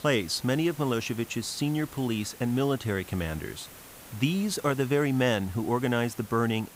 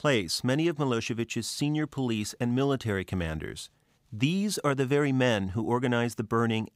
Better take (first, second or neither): second